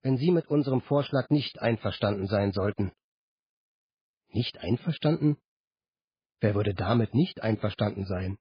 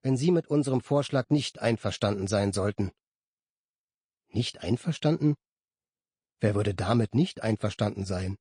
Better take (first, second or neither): second